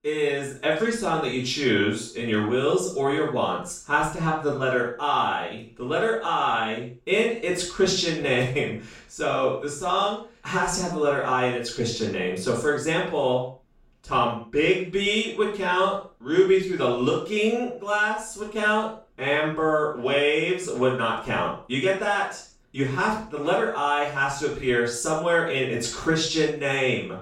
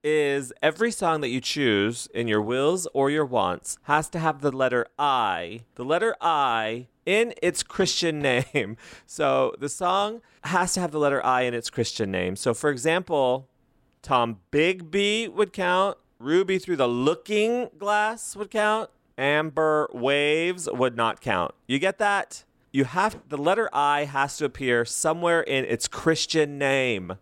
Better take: second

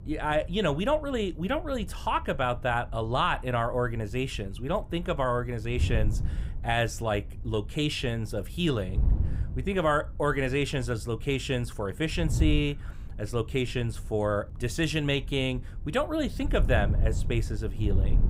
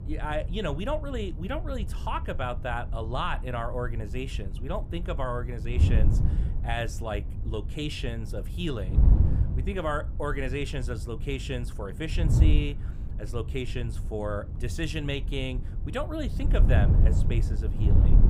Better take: first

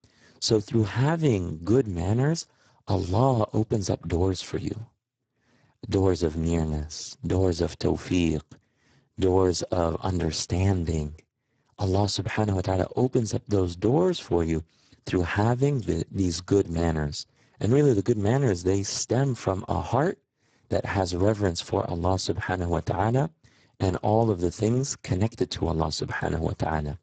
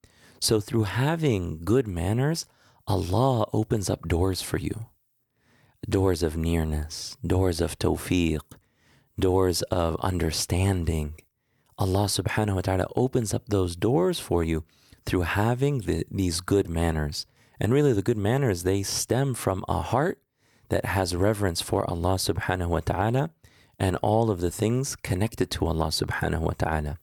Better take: second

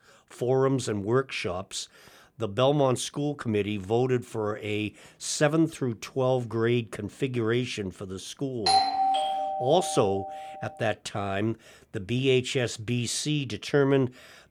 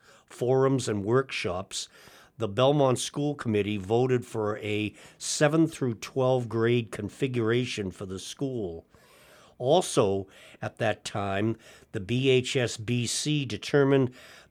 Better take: second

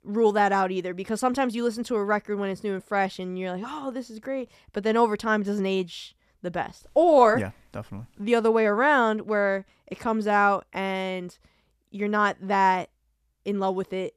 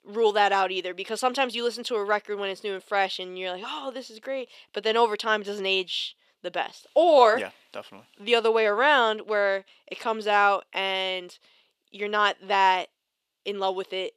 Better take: first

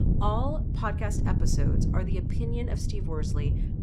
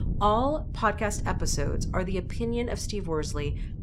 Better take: second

